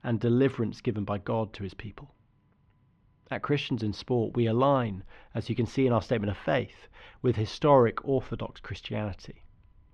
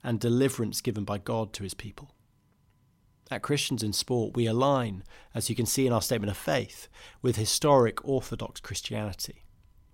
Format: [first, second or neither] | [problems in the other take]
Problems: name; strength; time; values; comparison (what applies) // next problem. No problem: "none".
second | muffled; very; fading above 3 kHz